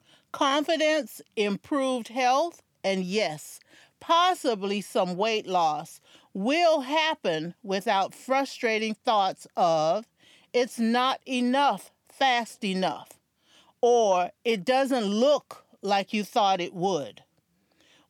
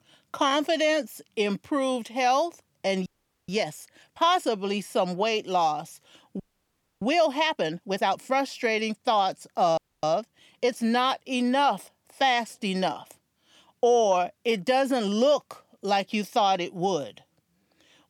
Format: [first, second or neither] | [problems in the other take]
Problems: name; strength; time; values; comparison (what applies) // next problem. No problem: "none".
first | audio freezing; at 3 s, at 6.5 s for 0.5 s and at 10 s